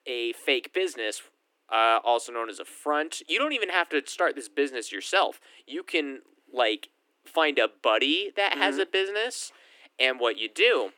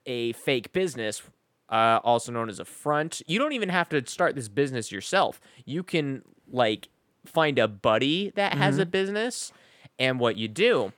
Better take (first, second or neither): second